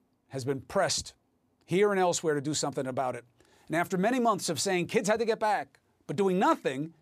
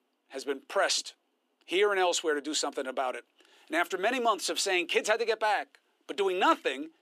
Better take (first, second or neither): first